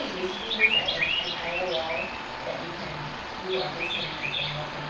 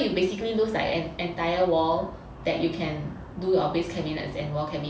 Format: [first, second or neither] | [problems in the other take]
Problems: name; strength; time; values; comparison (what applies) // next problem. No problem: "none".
second | background sound (Bird vocalization, bird call, bird song); 5 dB above the speech // room echo; dies away in 0.3 s